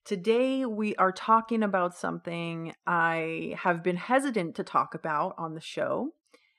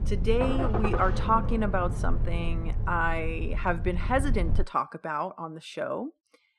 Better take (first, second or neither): first